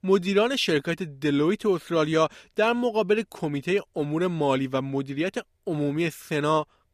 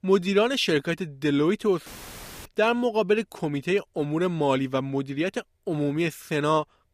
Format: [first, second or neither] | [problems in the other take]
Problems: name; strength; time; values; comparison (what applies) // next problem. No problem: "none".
first | audio cutting out; filled with static; at 2 s for 0.5 s